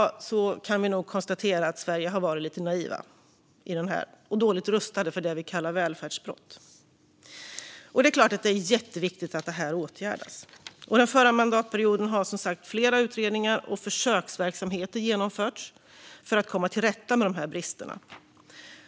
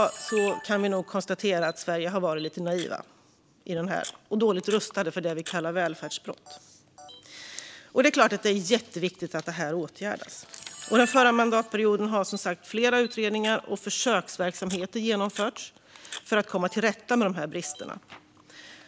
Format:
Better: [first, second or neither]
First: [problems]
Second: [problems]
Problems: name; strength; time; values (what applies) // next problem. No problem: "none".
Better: first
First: none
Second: background sound (Camera); 18 dB below the speech